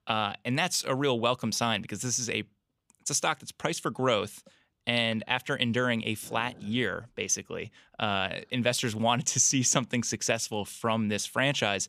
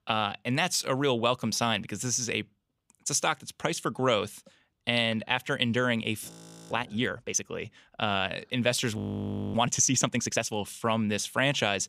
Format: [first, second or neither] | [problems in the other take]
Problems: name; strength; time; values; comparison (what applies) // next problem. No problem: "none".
first | audio freezing; at 6.5 s and at 9 s for 0.5 s